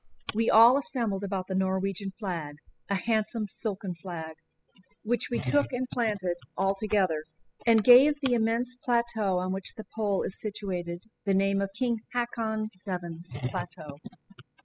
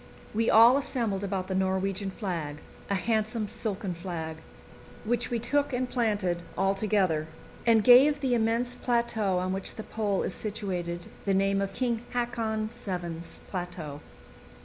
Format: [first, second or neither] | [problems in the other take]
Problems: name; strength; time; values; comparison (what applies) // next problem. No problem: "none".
second | noise reduction (classical method spectral subtraction)